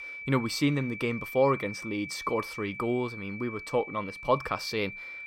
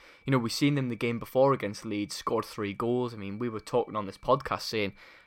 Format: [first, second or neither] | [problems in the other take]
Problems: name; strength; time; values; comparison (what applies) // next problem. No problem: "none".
second | high-pitched whine; loud; throughout; 2.5 kHz, 9 dB below the speech; faint in the second